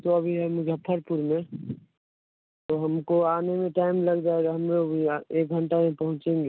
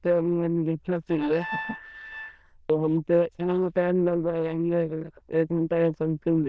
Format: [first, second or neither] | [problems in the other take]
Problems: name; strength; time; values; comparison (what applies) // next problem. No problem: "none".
first | noise reduction (neural diffusion model UNIVERSE++)